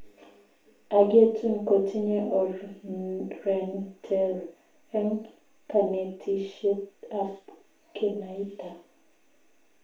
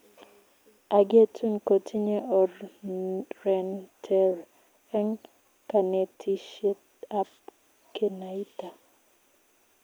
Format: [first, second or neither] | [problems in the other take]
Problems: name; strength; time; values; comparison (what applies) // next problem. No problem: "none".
second | room echo; dies away in 0.3 s